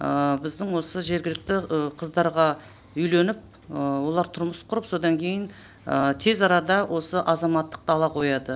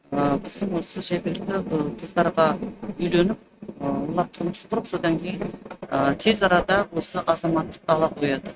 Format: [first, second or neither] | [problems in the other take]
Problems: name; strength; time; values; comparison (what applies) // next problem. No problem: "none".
first | noise reduction (neural mask model RNNoise)